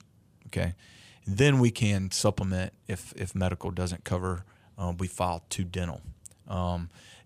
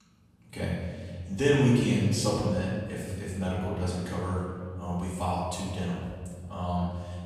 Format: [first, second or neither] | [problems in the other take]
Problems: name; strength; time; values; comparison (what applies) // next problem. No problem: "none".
first | off-mic speech; far // room echo; strong; dies away in 1.6 s